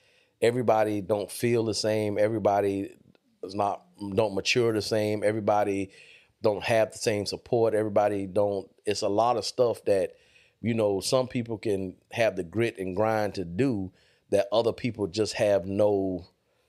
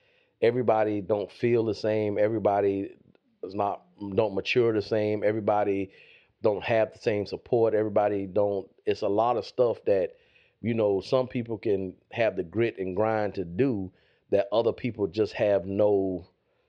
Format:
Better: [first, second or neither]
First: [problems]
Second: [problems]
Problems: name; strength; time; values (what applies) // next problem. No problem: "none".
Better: first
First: none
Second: muffled; slightly; fading above 3.5 kHz